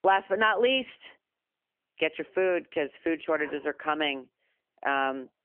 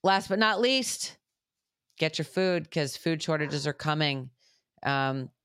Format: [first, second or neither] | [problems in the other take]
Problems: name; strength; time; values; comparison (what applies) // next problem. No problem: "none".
second | phone-call audio; nothing above 3 kHz